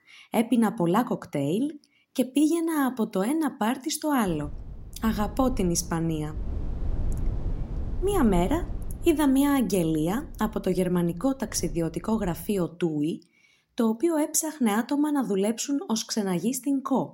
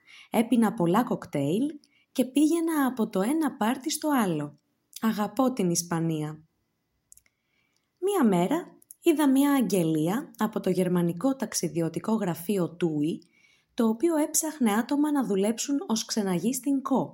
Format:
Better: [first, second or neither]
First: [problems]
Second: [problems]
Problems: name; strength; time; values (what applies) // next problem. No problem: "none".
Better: second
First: low rumble; faint; from 4.5 to 13 s; 20 dB below the speech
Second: none